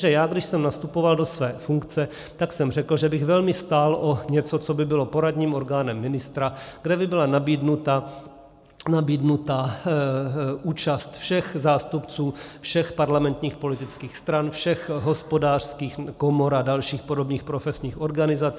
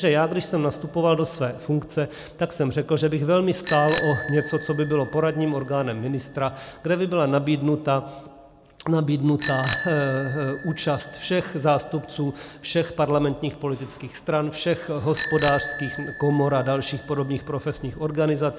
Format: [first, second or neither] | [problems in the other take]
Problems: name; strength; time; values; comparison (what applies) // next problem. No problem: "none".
first | background sound (Bicycle bell); 14 dB below the speech